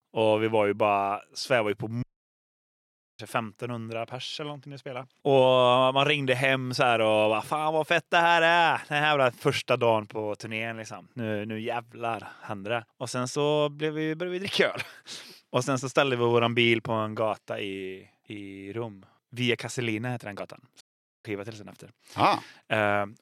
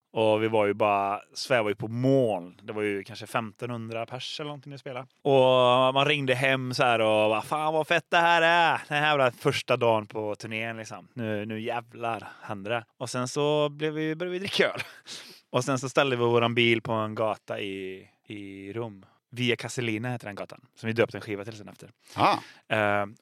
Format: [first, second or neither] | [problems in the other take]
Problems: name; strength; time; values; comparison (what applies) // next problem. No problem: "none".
second | audio cutting out; at 2 s for 1 s and at 21 s